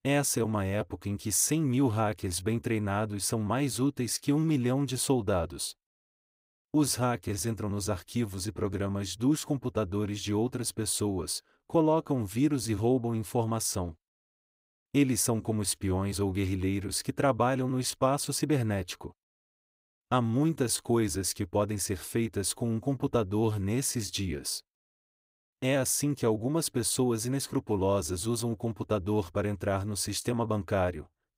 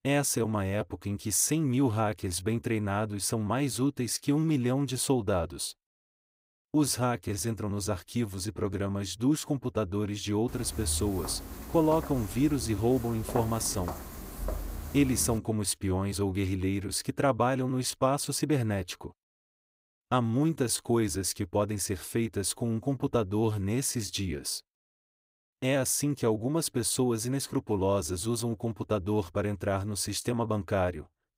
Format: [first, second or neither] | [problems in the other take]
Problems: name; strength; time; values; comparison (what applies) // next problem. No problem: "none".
first | footsteps; noticeable; from 10 to 15 s; peak 7 dB below the speech